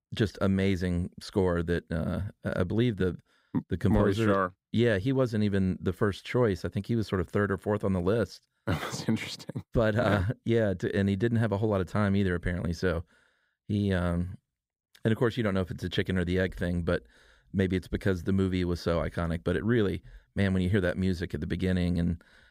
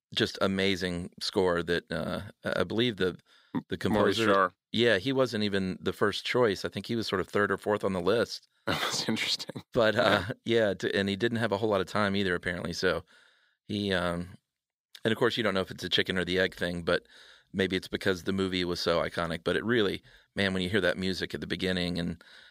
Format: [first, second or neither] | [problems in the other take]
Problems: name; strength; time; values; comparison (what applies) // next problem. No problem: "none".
first | thin; somewhat; fading below 950 Hz